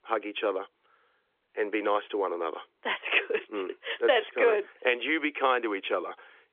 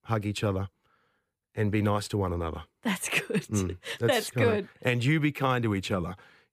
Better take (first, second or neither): second